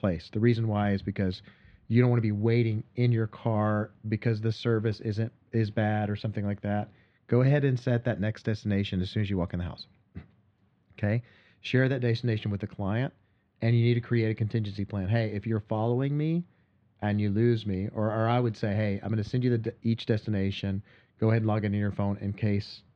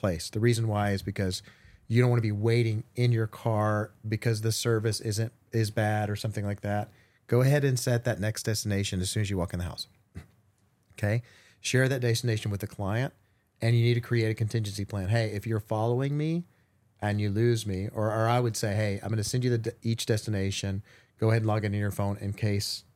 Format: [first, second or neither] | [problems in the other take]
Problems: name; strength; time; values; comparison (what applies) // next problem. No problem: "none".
second | muffled; slightly; fading above 3.5 kHz